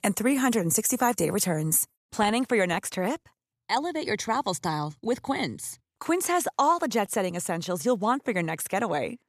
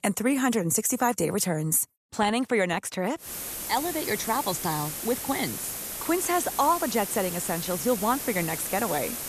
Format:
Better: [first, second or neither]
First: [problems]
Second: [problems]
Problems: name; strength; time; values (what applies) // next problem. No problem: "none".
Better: first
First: none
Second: hiss; loud; from 3.5 s on; 5 dB below the speech